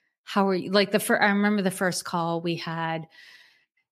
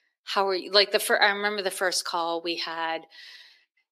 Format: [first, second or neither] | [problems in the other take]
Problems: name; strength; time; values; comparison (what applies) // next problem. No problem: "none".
first | thin; very; fading below 350 Hz